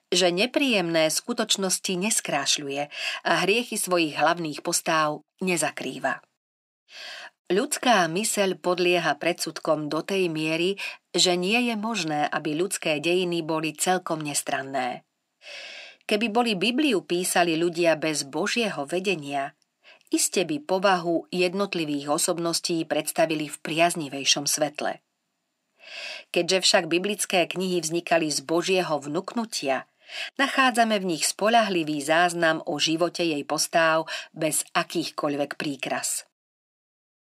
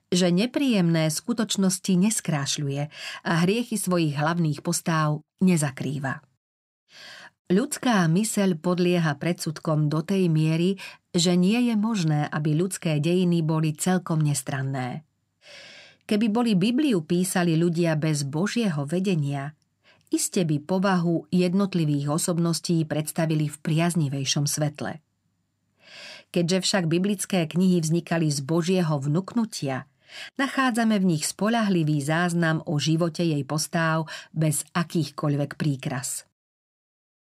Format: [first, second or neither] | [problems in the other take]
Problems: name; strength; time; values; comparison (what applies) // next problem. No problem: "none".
second | thin; somewhat; fading below 300 Hz